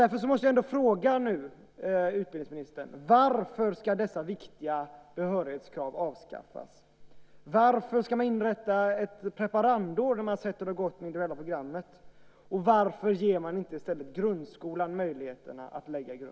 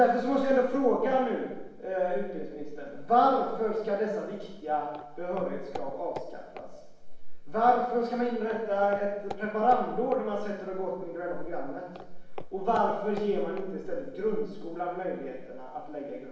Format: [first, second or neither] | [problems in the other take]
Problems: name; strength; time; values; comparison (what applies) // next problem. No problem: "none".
first | background sound (Walk, footsteps); 18 dB below the speech // room echo; dies away in 0.9 s